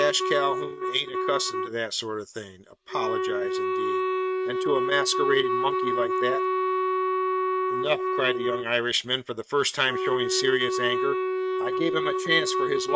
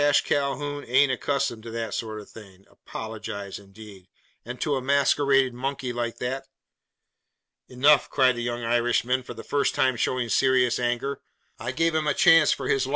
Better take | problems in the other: second | noise reduction (neural mask model RNNoise)

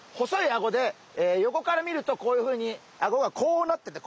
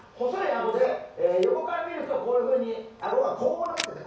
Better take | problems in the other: first | background sound (Camera); 18 dB below the speech // room echo; dies away in 0.6 s

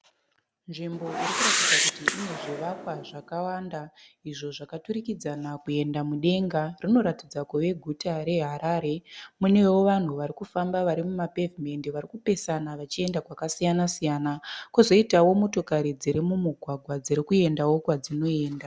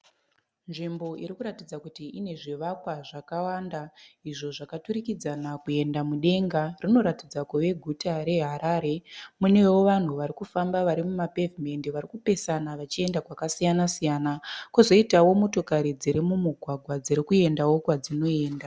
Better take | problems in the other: second | background sound (Whoosh, swoosh, swish); 2 dB below the speech

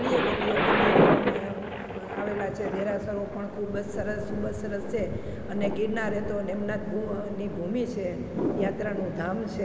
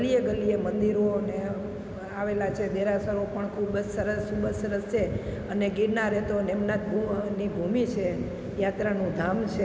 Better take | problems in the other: second | background sound (Thunder); as loud as the speech

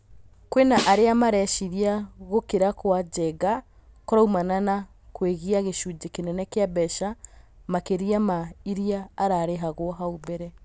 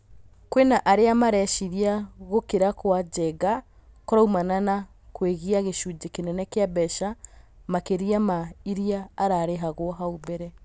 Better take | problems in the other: second | background sound (Snare drum); 8 dB below the speech

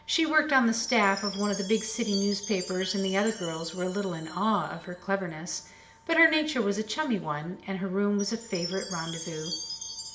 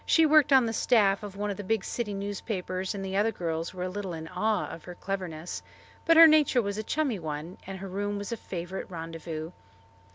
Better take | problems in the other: second | background sound (Chime); 13 dB below the speech // room echo; dies away in 1.5 s

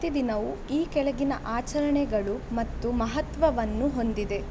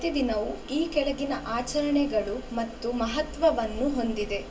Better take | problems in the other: first | background sound (Cricket); 15 dB below the speech // room echo; dies away in 0.2 s

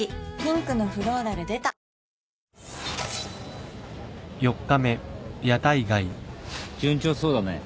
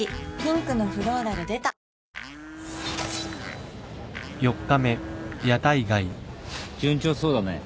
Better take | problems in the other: first | background sound (Domestic sounds, home sounds); 12 dB below the speech

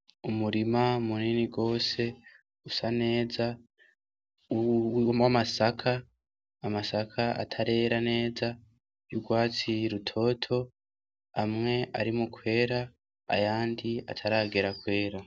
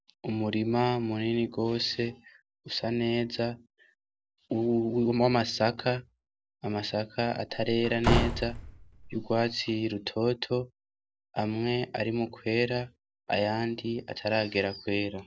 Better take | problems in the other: first | background sound (Slam / Wood); 1 dB below the speech

